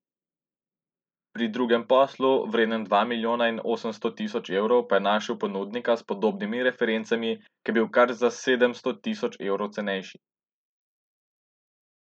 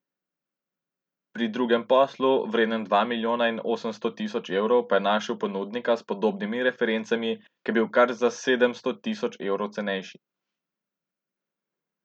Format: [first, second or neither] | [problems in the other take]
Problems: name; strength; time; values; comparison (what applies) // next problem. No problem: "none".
second | noise reduction (neural mask model Resemble Enhance denoiser)